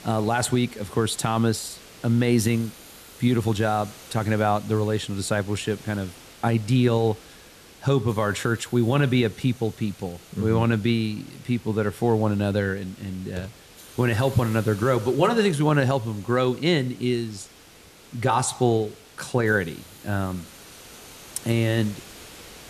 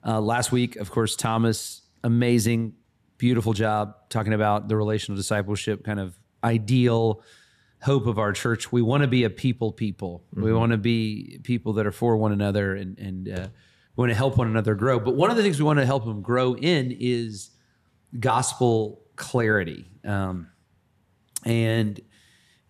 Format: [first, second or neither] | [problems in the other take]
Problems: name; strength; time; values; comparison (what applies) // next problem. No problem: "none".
second | hiss; faint; throughout; 20 dB below the speech